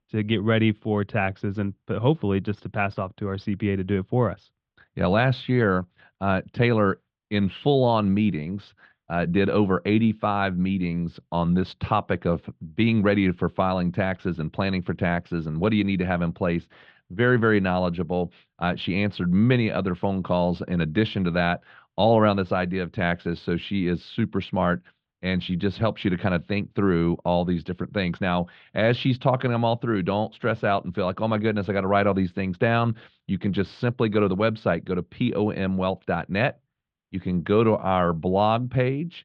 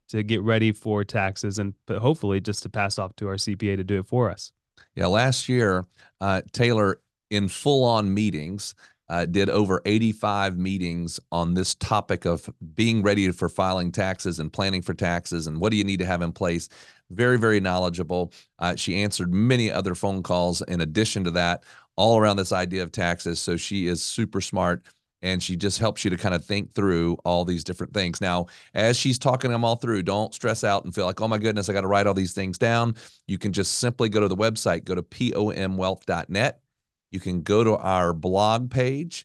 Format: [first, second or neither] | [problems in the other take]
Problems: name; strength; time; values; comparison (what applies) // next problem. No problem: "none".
second | muffled; very; fading above 3.5 kHz